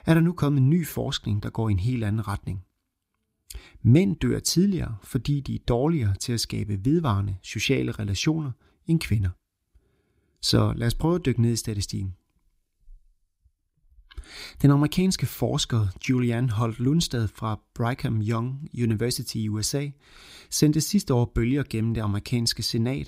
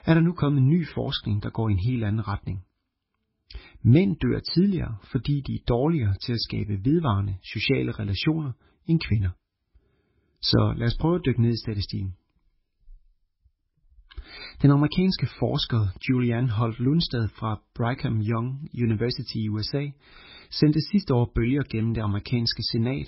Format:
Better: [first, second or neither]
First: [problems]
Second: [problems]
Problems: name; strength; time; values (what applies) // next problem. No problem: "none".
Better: first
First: none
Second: garbled, watery; badly; nothing above 5.5 kHz